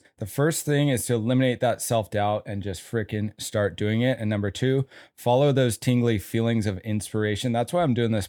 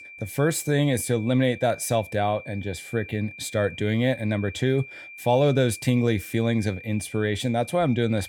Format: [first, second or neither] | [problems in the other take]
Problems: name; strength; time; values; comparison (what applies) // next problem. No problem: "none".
first | high-pitched whine; noticeable; throughout; 2.5 kHz, 15 dB below the speech